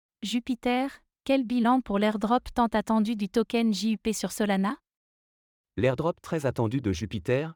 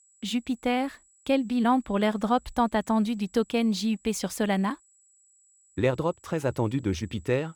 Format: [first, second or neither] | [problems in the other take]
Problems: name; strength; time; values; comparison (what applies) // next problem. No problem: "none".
first | high-pitched whine; faint; throughout; 8 kHz, 30 dB below the speech